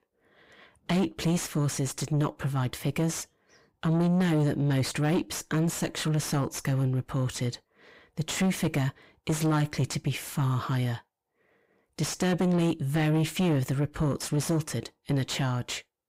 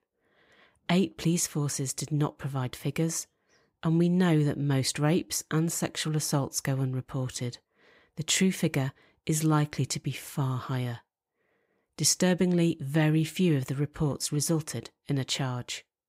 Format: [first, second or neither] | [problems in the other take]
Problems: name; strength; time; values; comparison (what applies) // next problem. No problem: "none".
second | distortion; heavy; 7 dB below the speech